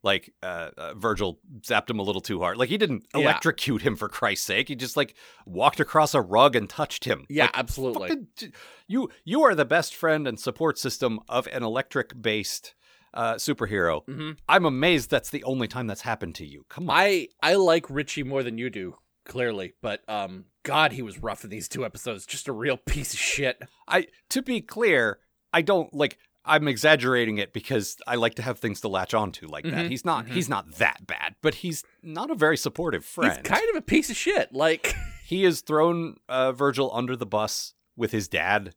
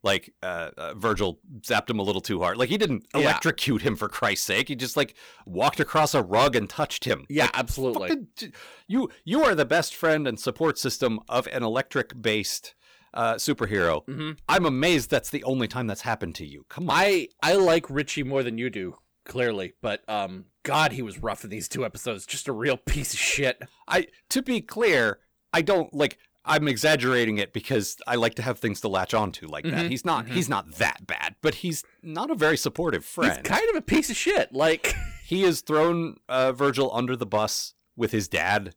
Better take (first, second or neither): first